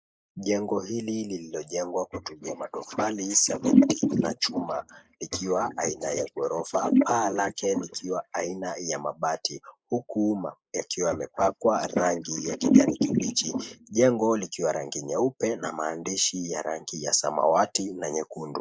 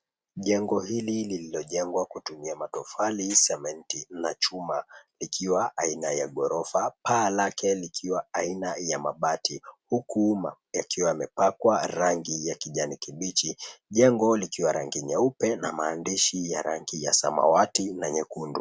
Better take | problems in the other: second | noise reduction (neural mask model Resemble Enhance denoiser)

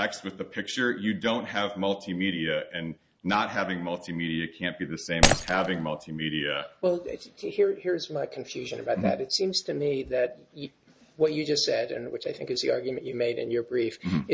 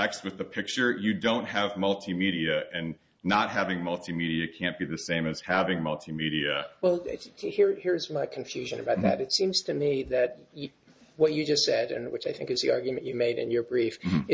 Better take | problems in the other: second | background sound (Shatter); 2 dB above the speech

